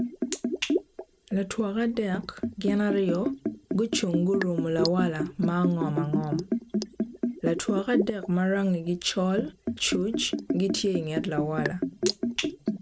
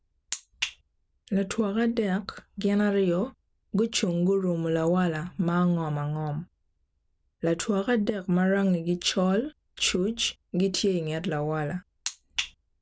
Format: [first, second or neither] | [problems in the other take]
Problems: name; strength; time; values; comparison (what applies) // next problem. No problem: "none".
second | background sound (Liquid); 3 dB below the speech